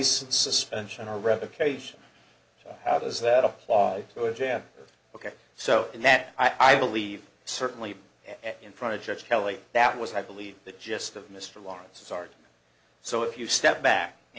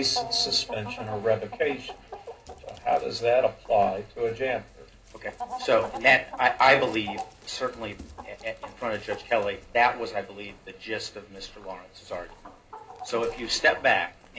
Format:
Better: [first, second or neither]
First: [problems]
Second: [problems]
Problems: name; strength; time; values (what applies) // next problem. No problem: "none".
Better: first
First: none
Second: background sound (Chicken, rooster); 14 dB below the speech // room echo; dies away in 0.2 s